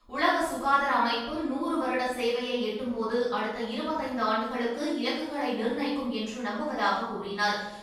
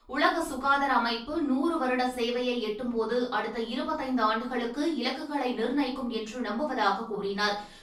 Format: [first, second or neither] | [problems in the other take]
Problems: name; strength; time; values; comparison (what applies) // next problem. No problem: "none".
second | room echo; strong; dies away in 0.8 s; slight in the second // off-mic speech; far; far in the second